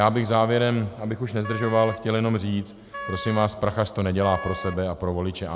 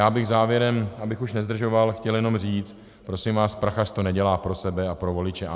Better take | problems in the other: second | background sound (Wind instrument, woodwind instrument); 13 dB below the speech

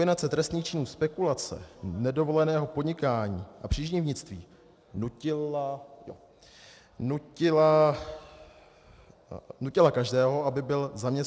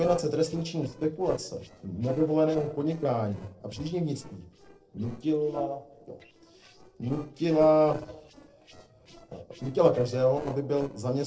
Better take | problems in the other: first | noise reduction (neural separator model SepFormer DNS4)

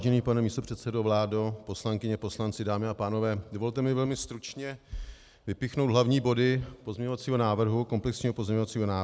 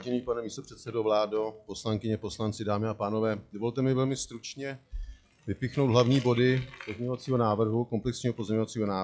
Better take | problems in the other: first | noise reduction (classical method log-MMSE)

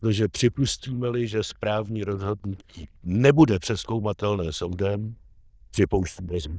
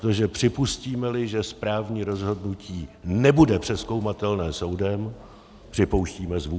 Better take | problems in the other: second | noise reduction (neural diffusion model UNIVERSE++)

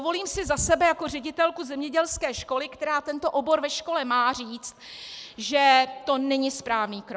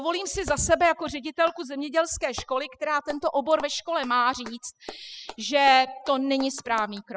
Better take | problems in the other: first | noise reduction (classical method spectral subtraction)

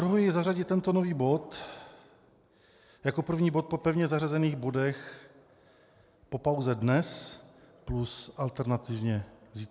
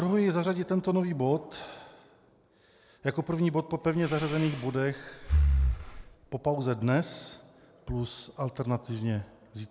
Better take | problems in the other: first | background sound (Breathing); 1 dB above the speech

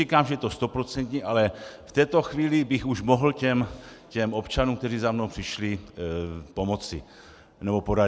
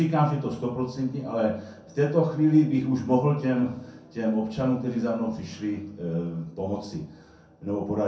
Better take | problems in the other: first | room echo; dies away in 0.6 s

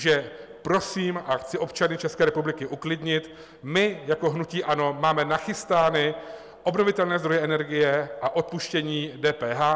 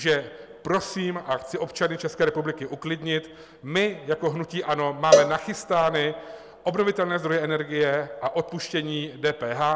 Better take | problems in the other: first | background sound (Cowbell); 1 dB above the speech

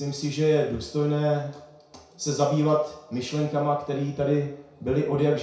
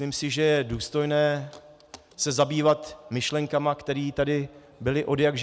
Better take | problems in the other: second | room echo; dies away in 0.6 s

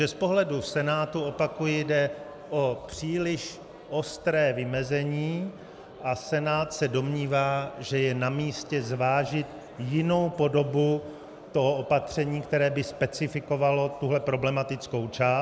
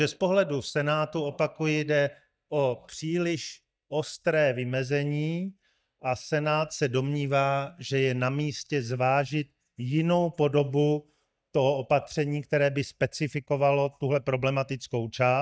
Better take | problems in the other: first | noise reduction (neural mask model DeepFilterNet 3)

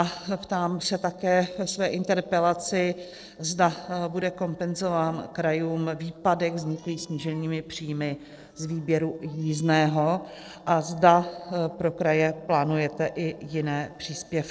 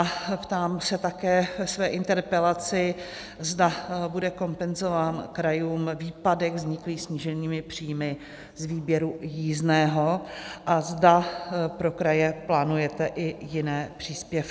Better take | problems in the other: second | noise reduction (neural separator model SepFormer DNS4)

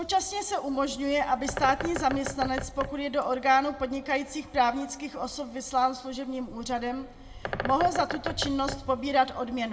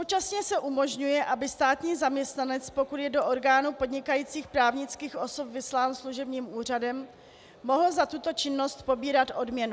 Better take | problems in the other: second | background sound (Bird); 11 dB below the speech // room echo; dies away in 0.9 s

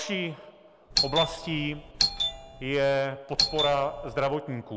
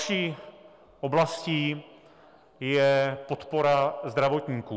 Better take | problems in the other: second | background sound (Doorbell); 1 dB below the speech

